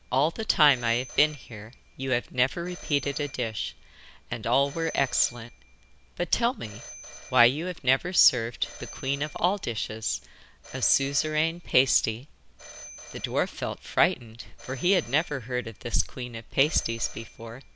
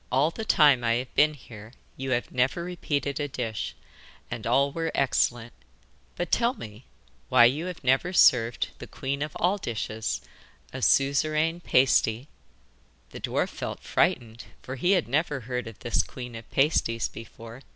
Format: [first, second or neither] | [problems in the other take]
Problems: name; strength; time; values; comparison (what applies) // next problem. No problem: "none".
second | background sound (Telephone); 19 dB below the speech